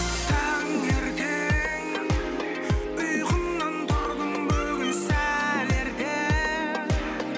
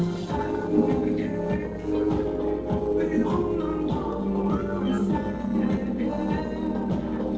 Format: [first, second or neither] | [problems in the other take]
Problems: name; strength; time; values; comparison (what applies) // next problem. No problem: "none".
first | noise reduction (neural separator model SepFormer DNS4)